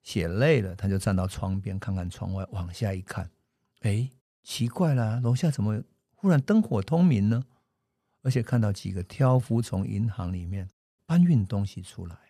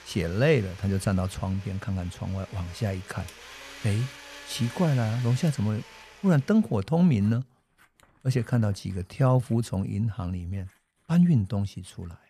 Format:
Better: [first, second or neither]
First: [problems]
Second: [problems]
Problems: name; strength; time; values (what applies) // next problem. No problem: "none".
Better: first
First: none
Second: household noises; noticeable; throughout; 20 dB below the speech